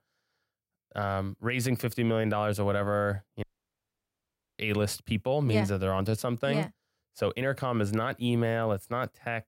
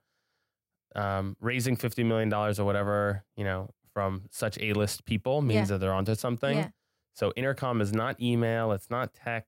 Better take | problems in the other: second | audio cutting out; at 3.5 s for 1 s

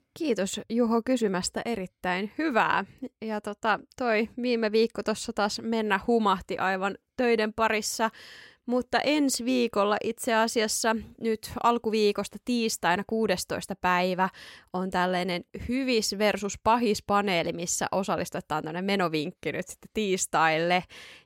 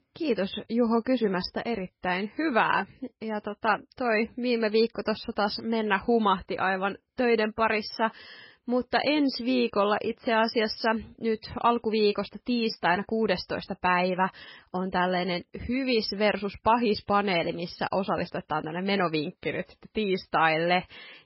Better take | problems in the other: first | garbled, watery; badly; nothing above 5.5 kHz

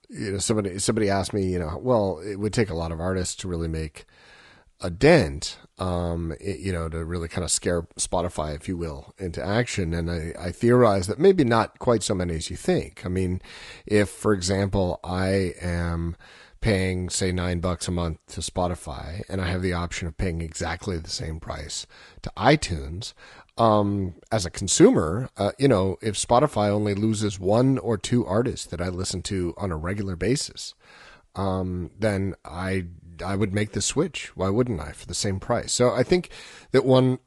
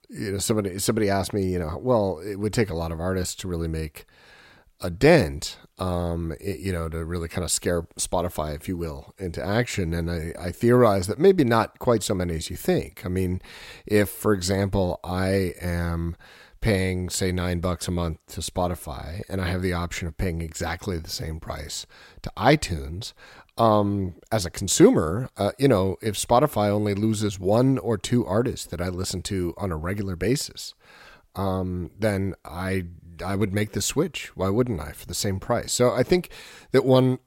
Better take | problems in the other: second | garbled, watery; slightly; nothing above 10.5 kHz

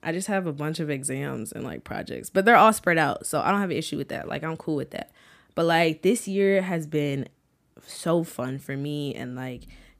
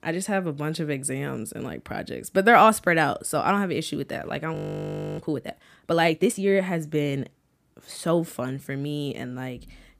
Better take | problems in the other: first | audio freezing; at 4.5 s for 0.5 s

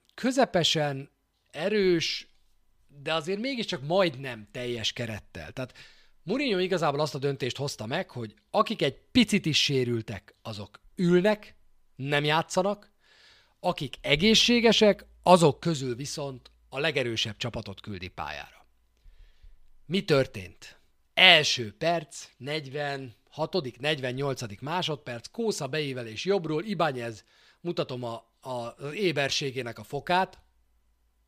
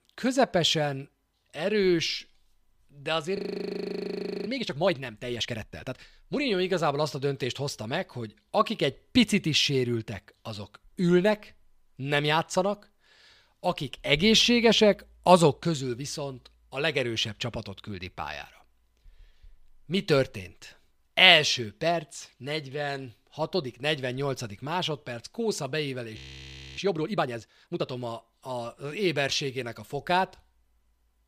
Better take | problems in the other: first | audio freezing; at 3.5 s for 1 s and at 26 s for 0.5 s

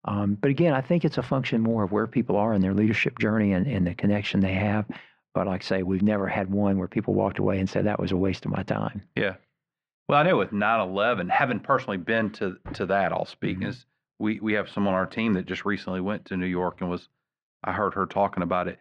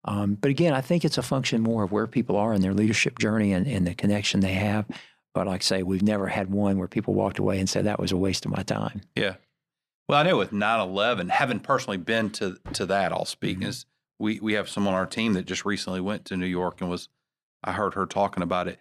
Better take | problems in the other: second | muffled; slightly; fading above 2 kHz

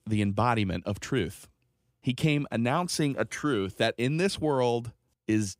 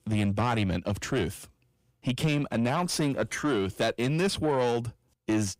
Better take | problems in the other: first | distortion; slight; 9 dB below the speech

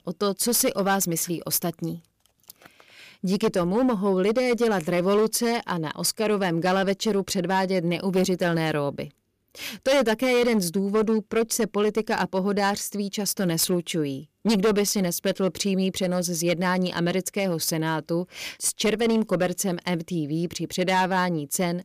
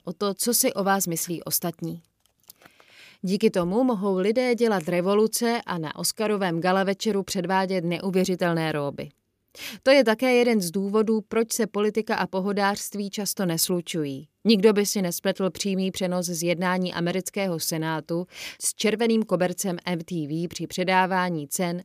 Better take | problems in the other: second | distortion; slight; 7% of the sound clipped

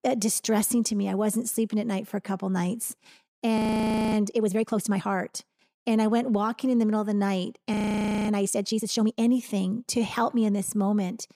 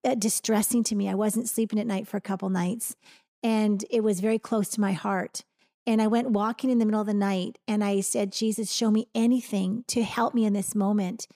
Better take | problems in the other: second | audio freezing; at 3.5 s for 0.5 s and at 7.5 s for 0.5 s

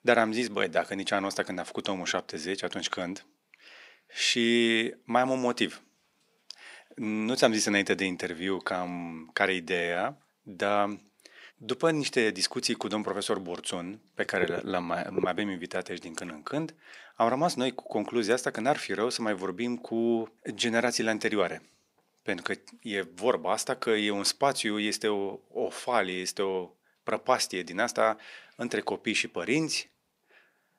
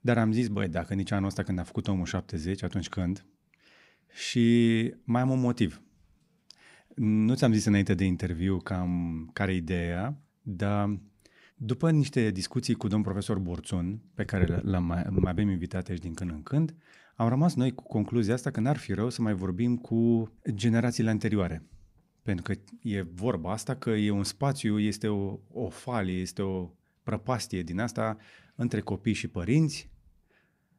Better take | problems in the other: second | thin; somewhat; fading below 500 Hz

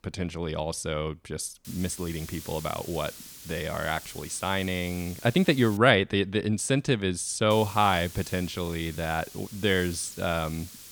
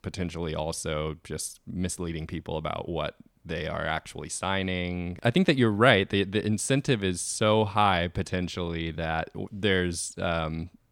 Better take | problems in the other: second | hiss; noticeable; from 1.5 to 6 s and from 7.5 s on; 15 dB below the speech

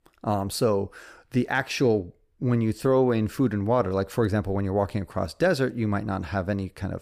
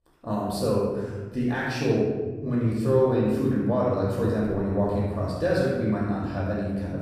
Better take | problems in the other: first | off-mic speech; far // room echo; strong; dies away in 1.4 s

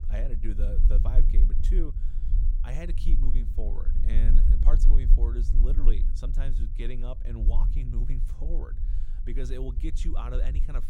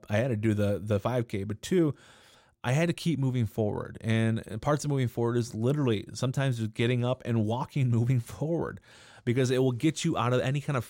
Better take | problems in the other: second | low rumble; loud; throughout; 6 dB below the speech

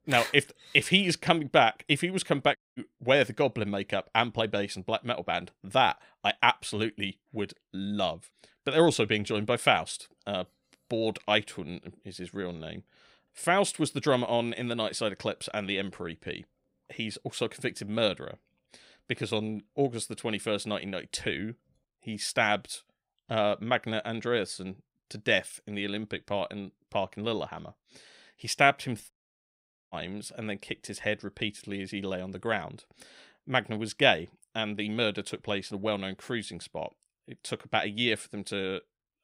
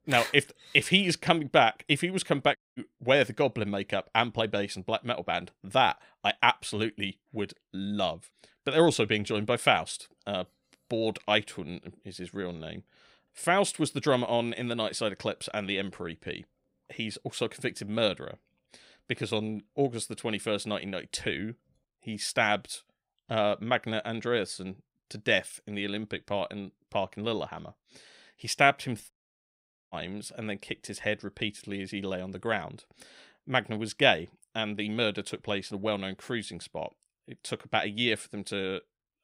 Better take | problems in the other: neither | audio cutting out; at 2.5 s and at 29 s for 1 s; the same in both

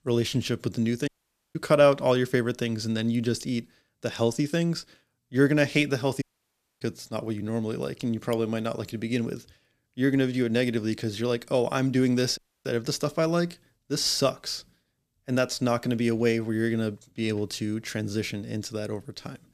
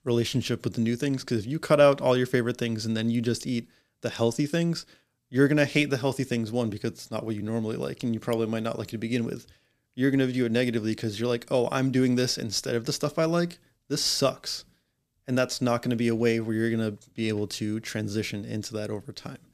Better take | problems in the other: second | audio cutting out; at 1 s, at 6 s for 0.5 s and at 12 s

